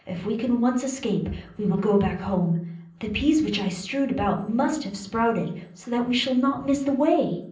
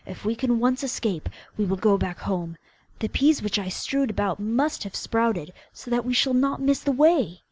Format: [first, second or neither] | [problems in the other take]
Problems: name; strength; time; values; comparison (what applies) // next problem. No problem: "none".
second | room echo; dies away in 0.6 s